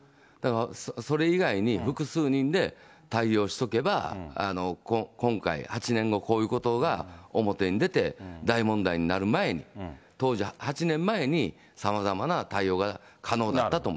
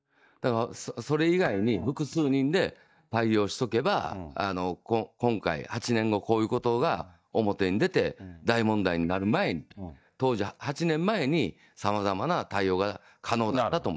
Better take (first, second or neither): first